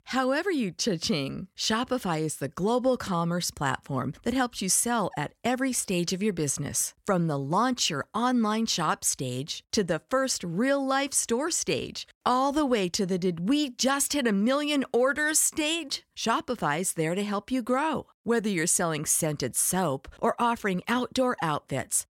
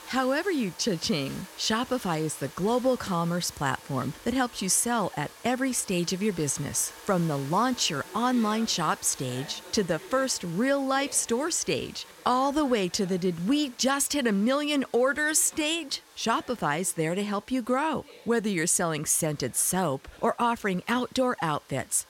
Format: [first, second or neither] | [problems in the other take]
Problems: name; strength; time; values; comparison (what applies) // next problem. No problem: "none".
first | household noises; noticeable; throughout; 20 dB below the speech